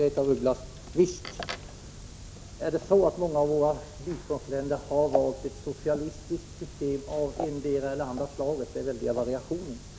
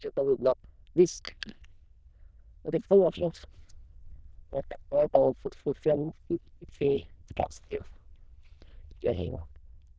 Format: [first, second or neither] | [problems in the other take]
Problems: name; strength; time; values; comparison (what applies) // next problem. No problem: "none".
first | noise reduction (neural diffusion model UNIVERSE++)